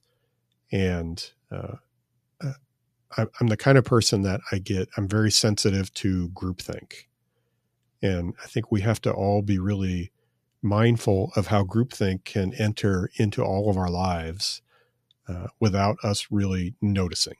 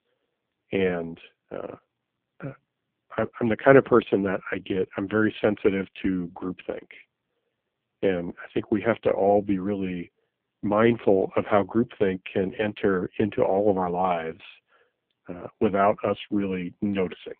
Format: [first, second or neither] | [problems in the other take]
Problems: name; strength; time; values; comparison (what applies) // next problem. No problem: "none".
first | phone-call audio; poor line